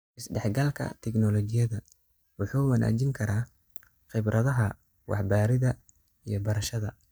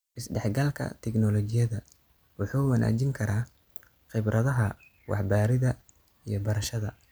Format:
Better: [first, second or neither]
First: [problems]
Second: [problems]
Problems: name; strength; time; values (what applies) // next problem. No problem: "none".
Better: second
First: noise reduction (neural mask model DeepFilterNet 3)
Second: none